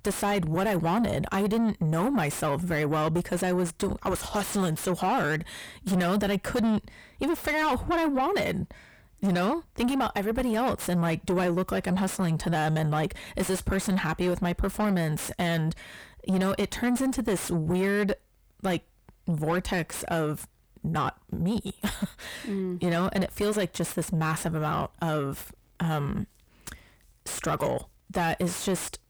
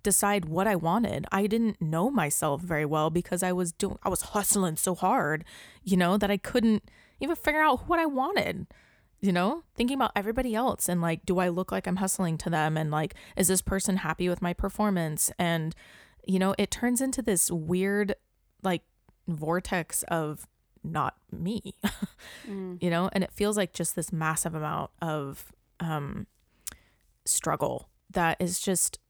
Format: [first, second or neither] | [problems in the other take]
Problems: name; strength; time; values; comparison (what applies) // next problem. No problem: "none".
second | distortion; heavy; 6 dB below the speech